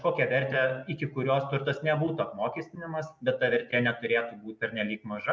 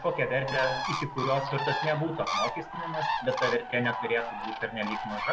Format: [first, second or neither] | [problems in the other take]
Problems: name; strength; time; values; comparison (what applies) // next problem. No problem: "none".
first | background sound (Bird); 3 dB below the speech